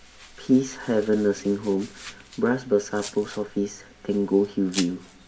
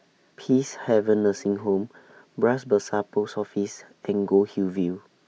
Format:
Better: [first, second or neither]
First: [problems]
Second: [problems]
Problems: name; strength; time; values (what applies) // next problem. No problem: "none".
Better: second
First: background sound (Domestic sounds, home sounds); 18 dB below the speech // room echo; dies away in 0.4 s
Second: none